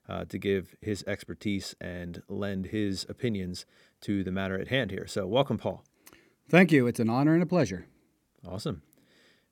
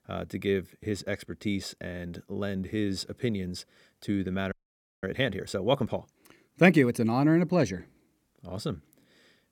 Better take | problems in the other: first | audio freezing; at 4.5 s for 0.5 s

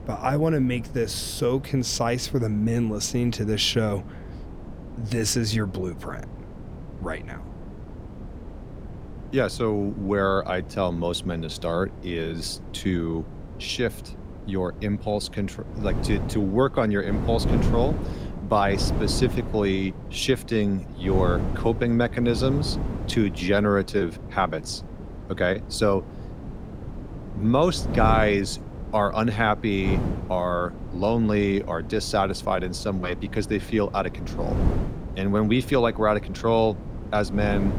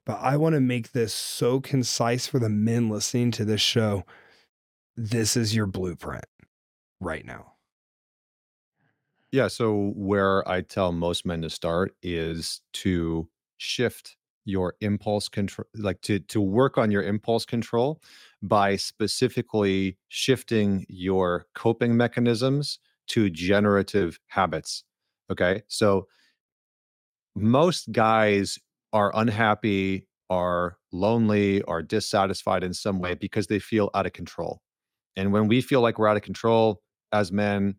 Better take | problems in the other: second | wind noise on the microphone; occasional gusts; 15 dB below the speech

